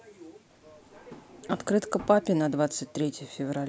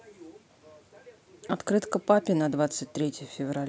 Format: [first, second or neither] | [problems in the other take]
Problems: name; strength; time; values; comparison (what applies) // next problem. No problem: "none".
second | background sound (Drawer open or close); 20 dB below the speech